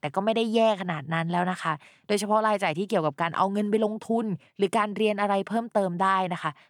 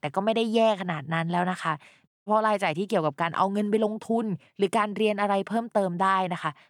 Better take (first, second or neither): first